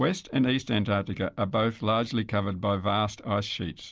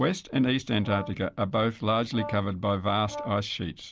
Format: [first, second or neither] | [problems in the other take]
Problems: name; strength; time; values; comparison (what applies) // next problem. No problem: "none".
first | background sound (Brass instrument); 14 dB below the speech